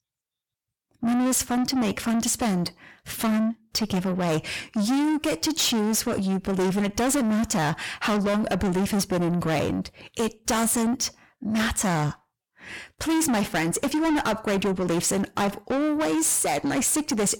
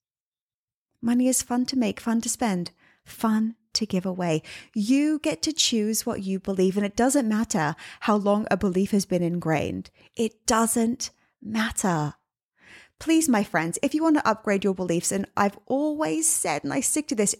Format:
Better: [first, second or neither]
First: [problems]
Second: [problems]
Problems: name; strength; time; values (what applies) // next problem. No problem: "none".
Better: second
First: distortion; heavy; 6 dB below the speech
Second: none